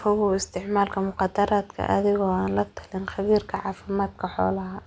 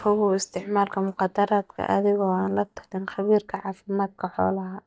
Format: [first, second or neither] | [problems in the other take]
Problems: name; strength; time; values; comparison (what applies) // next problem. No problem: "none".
first | noise reduction (neural mask model DeepFilterNet 3)